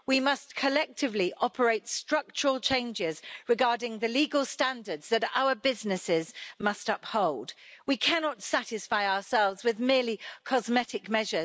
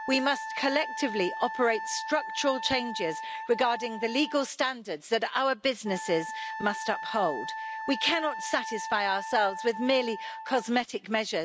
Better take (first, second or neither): first